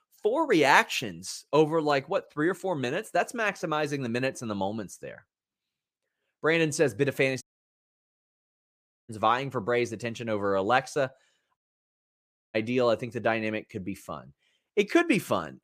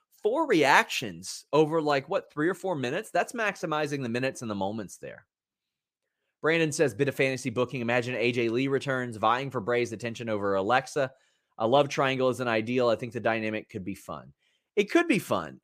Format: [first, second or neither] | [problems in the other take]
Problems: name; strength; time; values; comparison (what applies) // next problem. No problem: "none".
second | audio cutting out; at 7.5 s for 1.5 s and at 12 s for 1 s